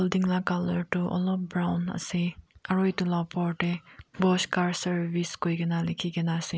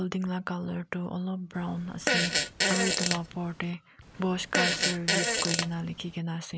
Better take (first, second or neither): first